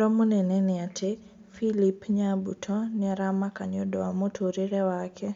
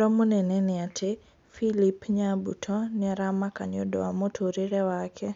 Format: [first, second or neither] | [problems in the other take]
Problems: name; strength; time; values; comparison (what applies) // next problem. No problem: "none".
second | room echo; dies away in 1 s